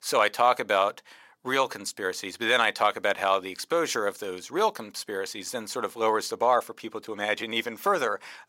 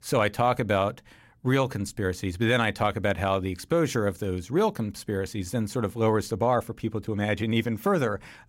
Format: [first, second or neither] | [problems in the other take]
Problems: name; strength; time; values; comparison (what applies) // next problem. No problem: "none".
second | thin; very; fading below 500 Hz